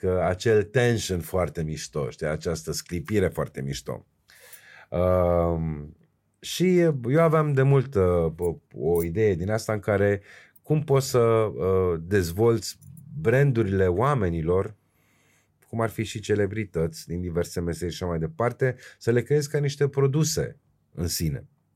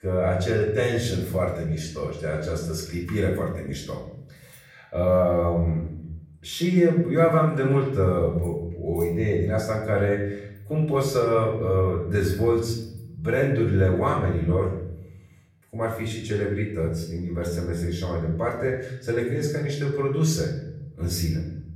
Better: first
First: none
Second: off-mic speech; far // room echo; noticeable; dies away in 0.8 s

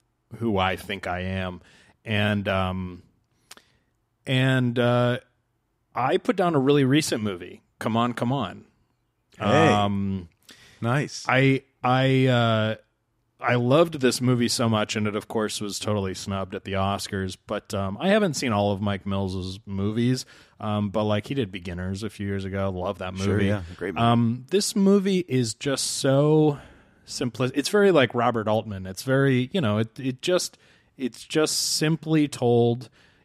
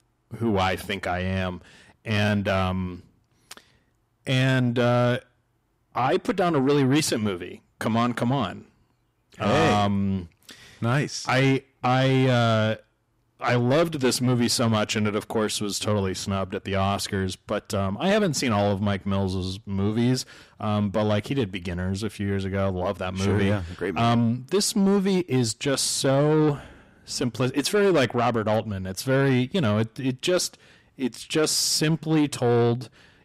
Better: first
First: none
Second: distortion; slight; 10 dB below the speech

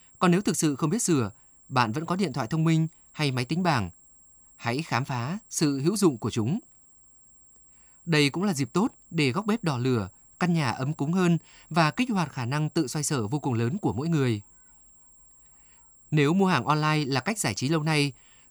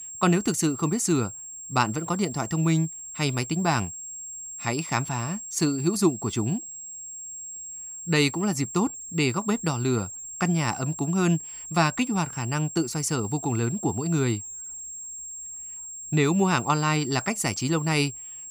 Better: first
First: high-pitched whine; faint; throughout; 7.5 kHz, 30 dB below the speech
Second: high-pitched whine; loud; throughout; 7.5 kHz, 10 dB below the speech

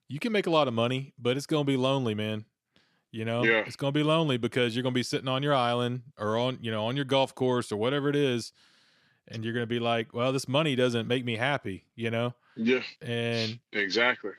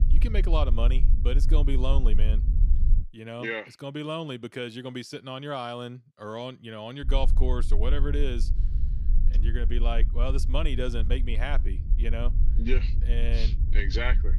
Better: first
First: none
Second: low rumble; noticeable; until 3 s and from 7 s on; 15 dB below the speech

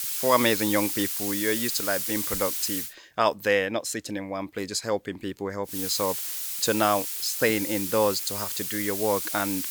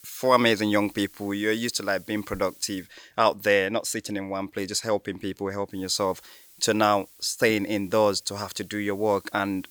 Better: second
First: hiss; loud; until 3 s and from 5.5 s on; 1 dB below the speech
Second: hiss; faint; until 3 s and from 5.5 s on; 25 dB below the speech

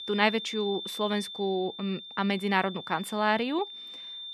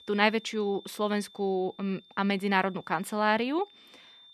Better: second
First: high-pitched whine; loud; throughout; 3.5 kHz, 9 dB below the speech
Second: high-pitched whine; faint; throughout; 3.5 kHz, 25 dB below the speech

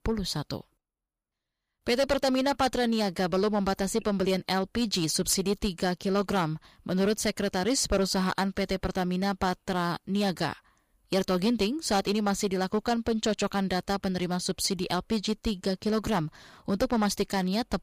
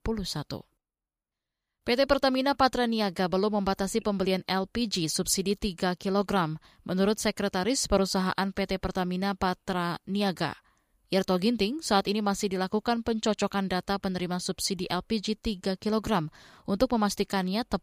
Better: second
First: distortion; slight; 5% of the sound clipped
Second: none

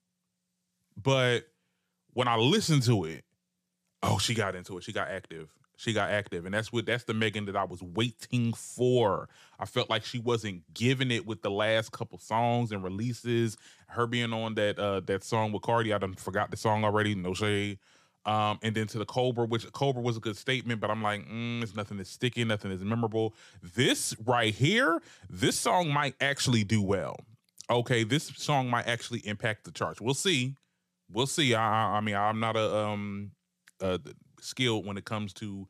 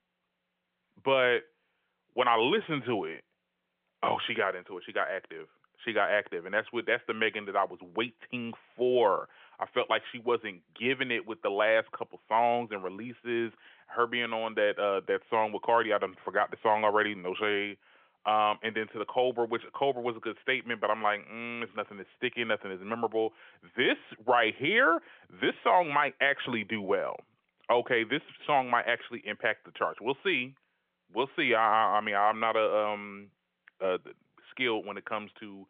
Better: first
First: none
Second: phone-call audio; nothing above 3.5 kHz

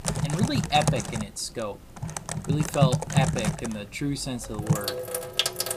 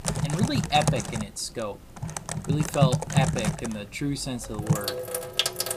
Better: neither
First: household noises; very loud; throughout; 2 dB above the speech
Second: household noises; very loud; throughout; 2 dB above the speech

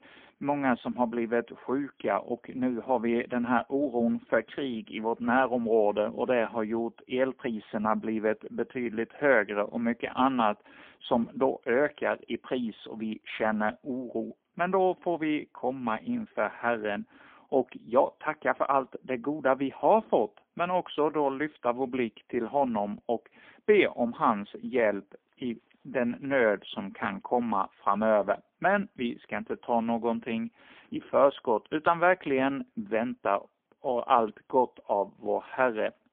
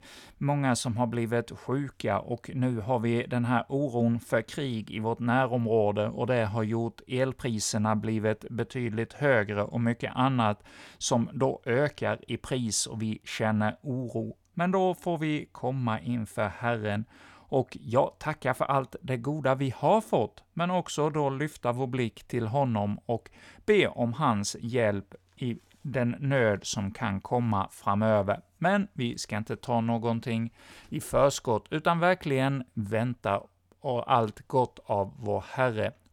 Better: second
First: phone-call audio; poor line; nothing above 3.5 kHz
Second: none

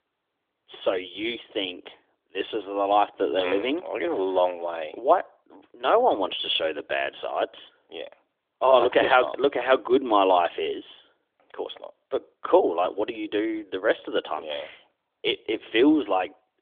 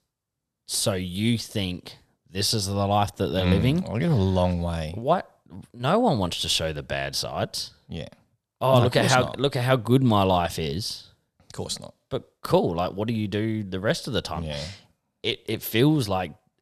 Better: second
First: phone-call audio; nothing above 3.5 kHz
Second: none

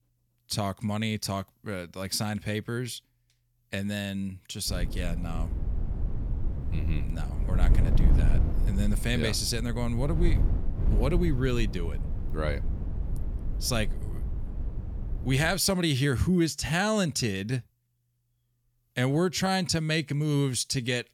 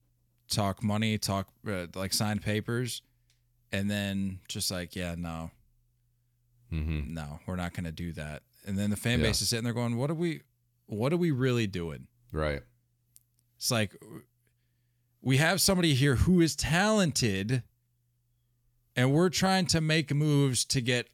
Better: second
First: wind noise on the microphone; occasional gusts; from 4.5 to 16 s; 15 dB below the speech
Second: none

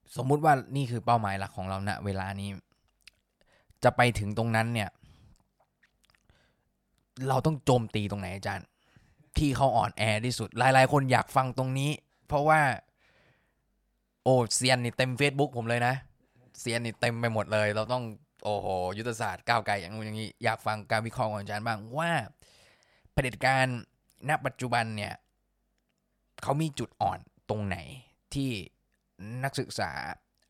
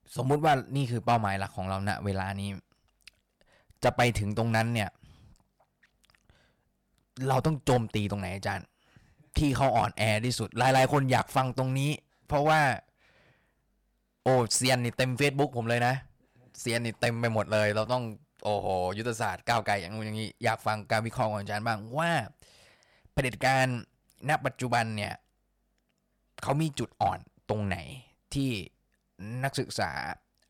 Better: first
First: none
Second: distortion; slight; 3% of the sound clipped

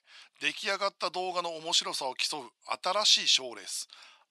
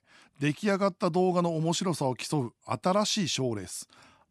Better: second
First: thin; very; fading below 700 Hz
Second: none

